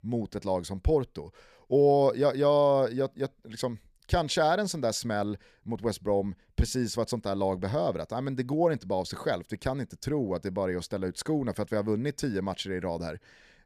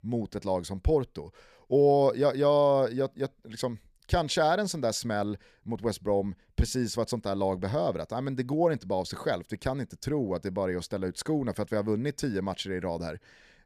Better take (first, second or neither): neither